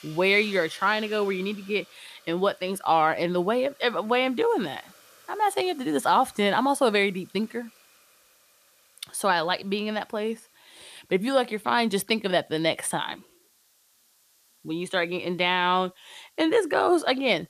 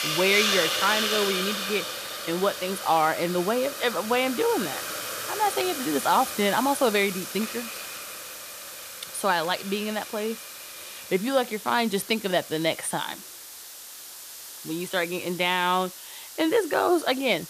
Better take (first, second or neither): first